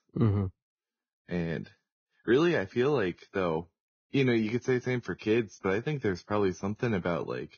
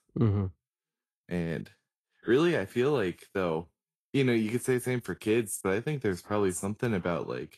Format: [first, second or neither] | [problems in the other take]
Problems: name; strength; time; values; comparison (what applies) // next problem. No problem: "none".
second | garbled, watery; badly; nothing above 6.5 kHz; slightly in the second